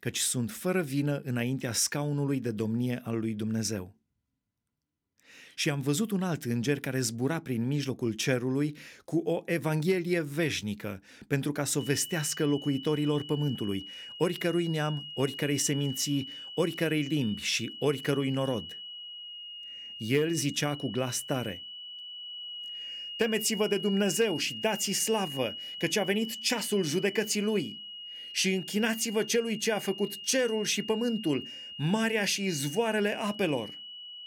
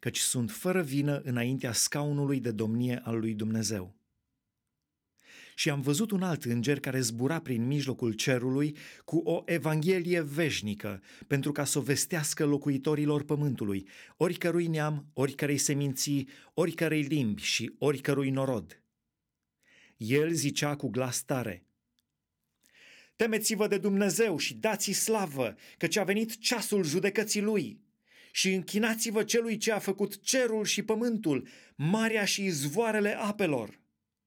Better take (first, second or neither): second